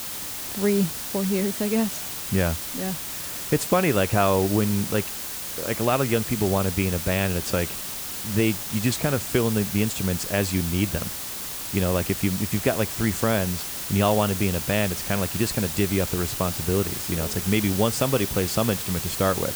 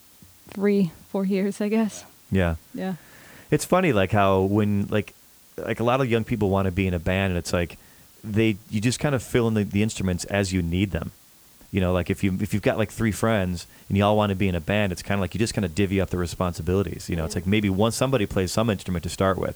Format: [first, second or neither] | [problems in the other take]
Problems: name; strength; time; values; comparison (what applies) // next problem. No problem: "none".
second | hiss; loud; throughout; 4 dB below the speech; faint in the second